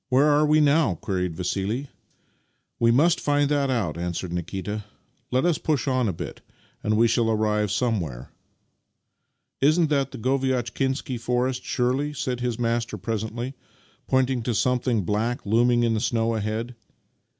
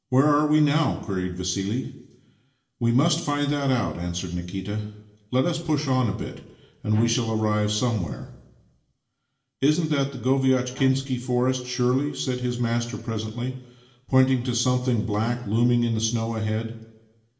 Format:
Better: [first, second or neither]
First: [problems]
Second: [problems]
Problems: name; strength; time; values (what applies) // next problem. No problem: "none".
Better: first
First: none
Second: background sound (Bowed string instrument); 19 dB below the speech // room echo; dies away in 0.7 s